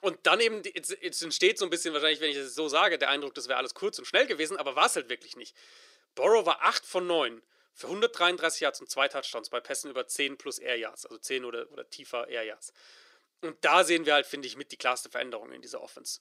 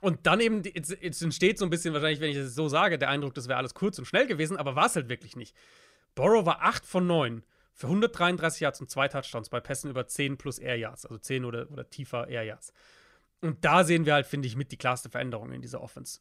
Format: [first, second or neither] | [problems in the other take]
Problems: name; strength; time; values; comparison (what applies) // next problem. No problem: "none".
second | thin; somewhat; fading below 350 Hz